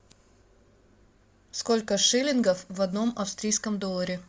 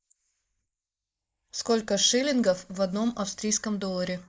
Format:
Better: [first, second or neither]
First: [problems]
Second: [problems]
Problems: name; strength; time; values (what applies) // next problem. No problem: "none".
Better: first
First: none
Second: noise reduction (neural mask model Resemble Enhance denoiser)